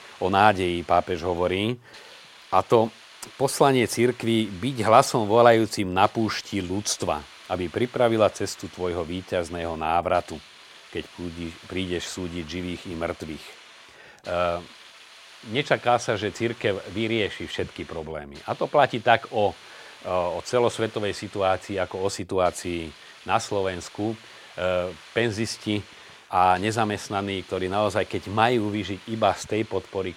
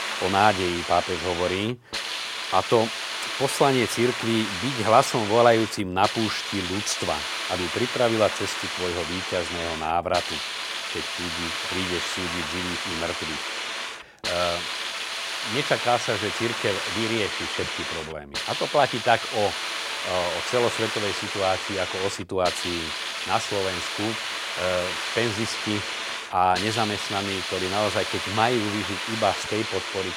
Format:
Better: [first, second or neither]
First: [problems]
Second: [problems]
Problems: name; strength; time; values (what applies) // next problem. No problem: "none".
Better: first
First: hiss; faint; throughout; 20 dB below the speech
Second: hiss; loud; throughout; 2 dB below the speech